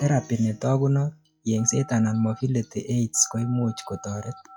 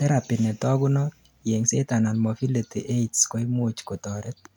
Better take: second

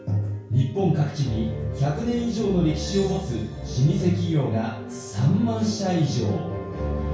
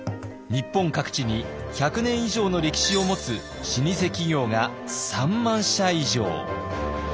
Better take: second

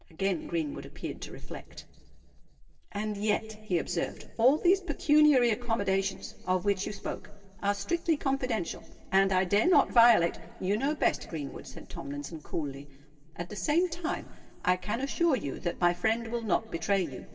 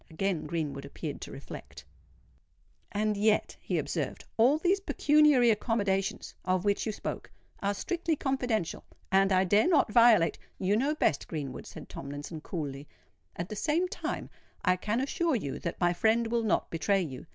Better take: second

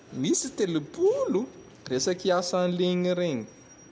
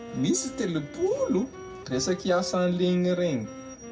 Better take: first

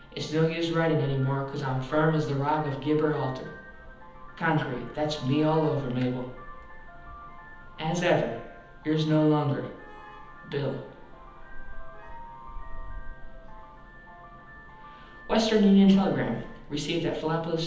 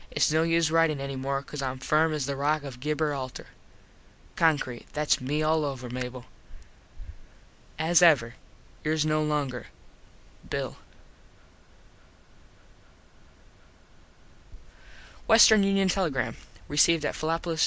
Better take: second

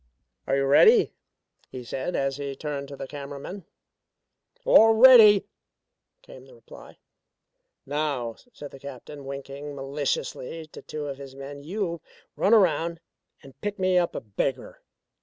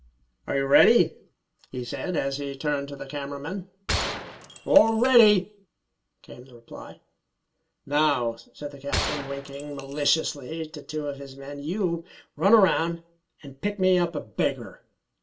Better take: first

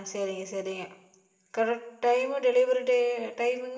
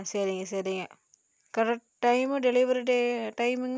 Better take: second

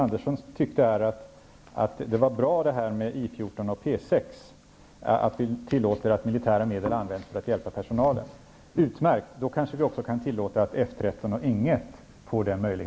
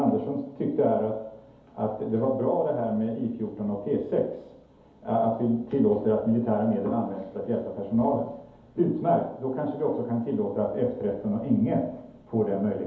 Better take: first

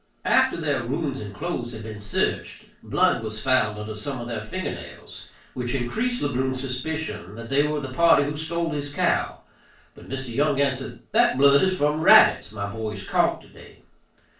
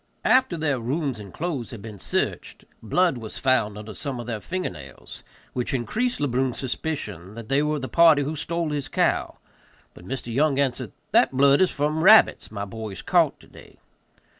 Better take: second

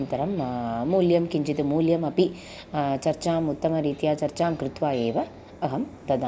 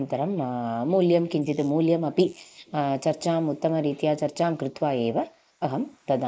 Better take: first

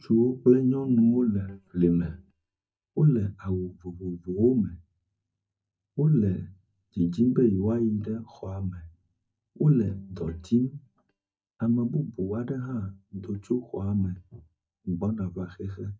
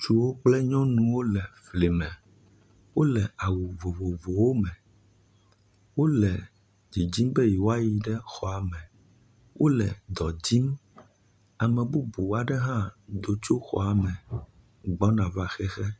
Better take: second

